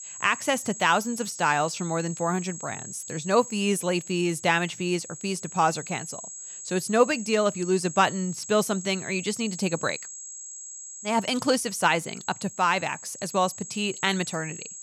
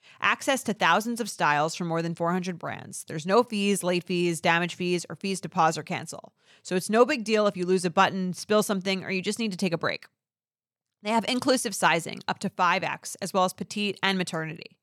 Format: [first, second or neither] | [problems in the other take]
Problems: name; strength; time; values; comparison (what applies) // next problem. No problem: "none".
second | high-pitched whine; noticeable; throughout; 7.5 kHz, 10 dB below the speech